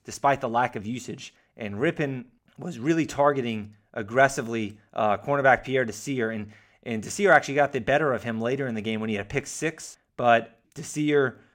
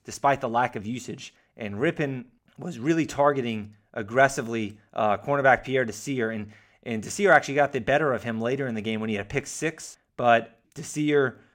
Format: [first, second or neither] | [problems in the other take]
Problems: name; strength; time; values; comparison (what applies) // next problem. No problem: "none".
neither | none